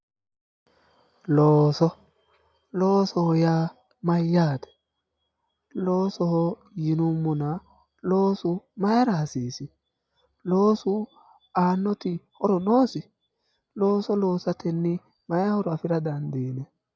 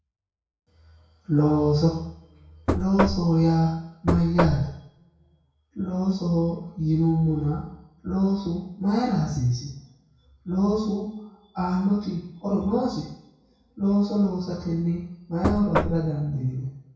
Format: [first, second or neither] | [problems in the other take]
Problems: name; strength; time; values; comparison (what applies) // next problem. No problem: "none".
first | background sound (Knock); 2 dB below the speech // room echo; dies away in 0.6 s